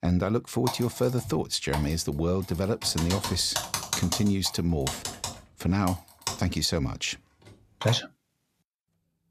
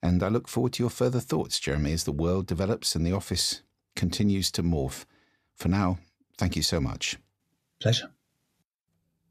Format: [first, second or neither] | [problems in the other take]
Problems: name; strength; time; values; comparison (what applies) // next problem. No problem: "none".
second | keyboard typing; noticeable; from 0.5 to 8 s; peak 1 dB below the speech